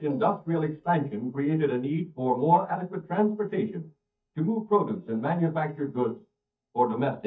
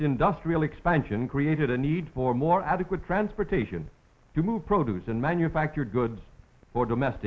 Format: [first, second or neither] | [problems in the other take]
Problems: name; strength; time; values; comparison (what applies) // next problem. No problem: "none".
second | noise reduction (neural mask model DeepFilterNet 3)